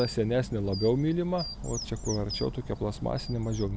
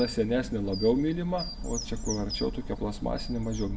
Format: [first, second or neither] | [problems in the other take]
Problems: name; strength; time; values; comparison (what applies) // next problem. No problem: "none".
first | room echo; dies away in 0.4 s